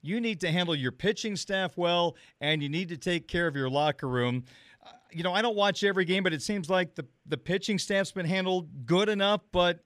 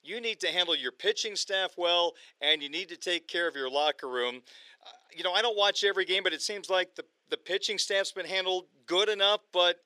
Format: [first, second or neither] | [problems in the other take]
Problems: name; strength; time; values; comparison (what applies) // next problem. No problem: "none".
first | thin; very; fading below 400 Hz